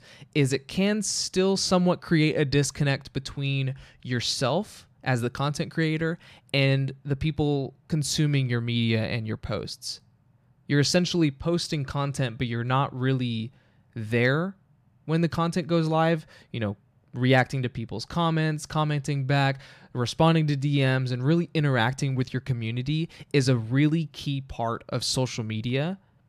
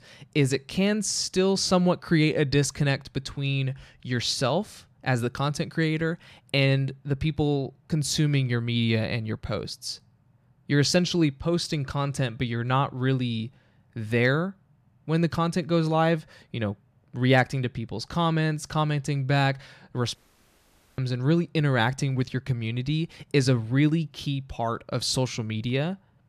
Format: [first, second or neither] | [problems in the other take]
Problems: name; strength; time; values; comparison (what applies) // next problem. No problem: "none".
first | audio cutting out; at 20 s for 1 s